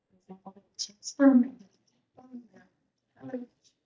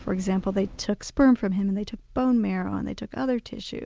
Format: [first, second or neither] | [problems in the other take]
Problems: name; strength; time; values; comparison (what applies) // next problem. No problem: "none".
second | noise reduction (neural mask model DeepFilterNet 3)